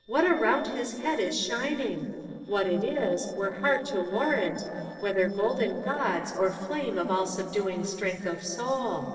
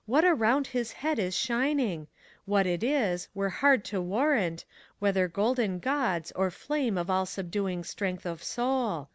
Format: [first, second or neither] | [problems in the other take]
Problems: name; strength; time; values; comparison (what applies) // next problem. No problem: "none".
second | noise reduction (neural separator model SepFormer DNS4)